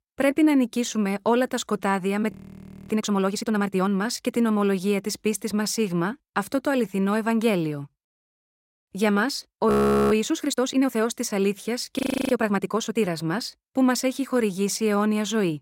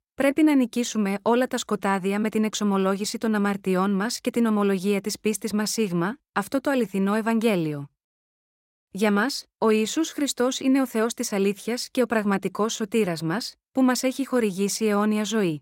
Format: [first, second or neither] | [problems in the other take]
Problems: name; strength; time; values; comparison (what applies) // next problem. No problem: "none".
second | audio freezing; at 2.5 s for 0.5 s, at 9.5 s and at 12 s